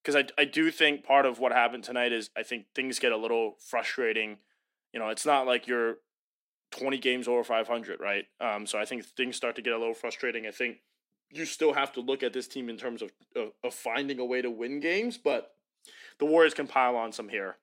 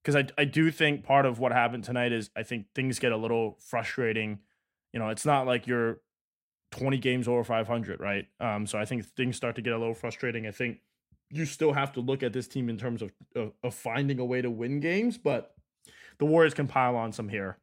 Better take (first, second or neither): second